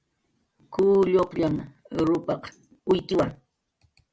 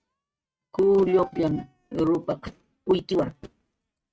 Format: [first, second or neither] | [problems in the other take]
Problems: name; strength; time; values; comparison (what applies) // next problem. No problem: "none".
first | noise reduction (neural mask model RNNoise)